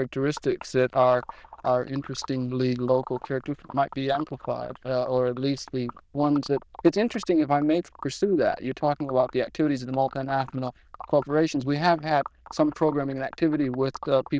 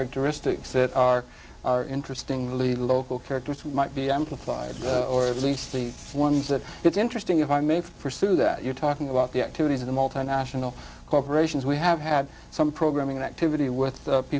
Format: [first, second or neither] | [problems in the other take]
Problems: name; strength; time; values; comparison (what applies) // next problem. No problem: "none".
second | noise reduction (neural diffusion model UNIVERSE++)